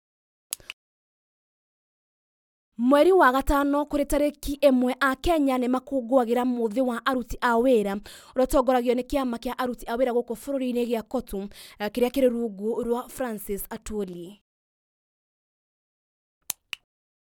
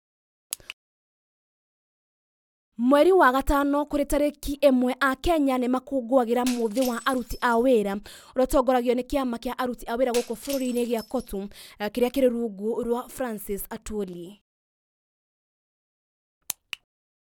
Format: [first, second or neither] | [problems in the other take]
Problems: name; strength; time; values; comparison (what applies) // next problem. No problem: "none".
first | background sound (Shatter); 18 dB below the speech